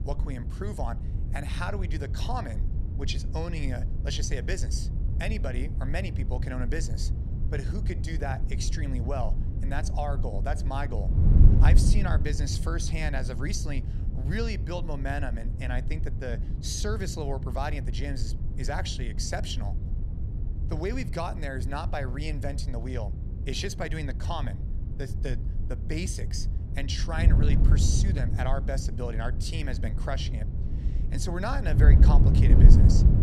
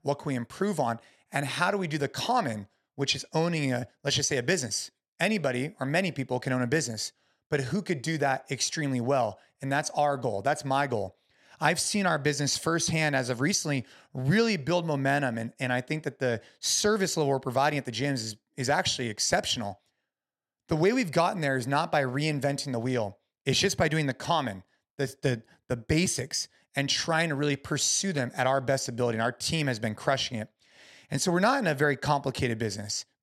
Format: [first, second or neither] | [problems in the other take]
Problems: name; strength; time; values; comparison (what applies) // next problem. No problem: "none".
second | wind noise on the microphone; heavy; 6 dB below the speech